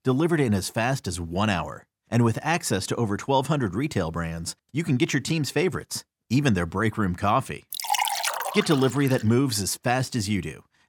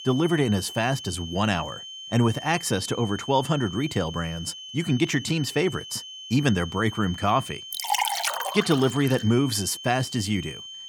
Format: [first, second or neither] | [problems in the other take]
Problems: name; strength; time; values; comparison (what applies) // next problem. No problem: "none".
first | high-pitched whine; noticeable; throughout; 3 kHz, 10 dB below the speech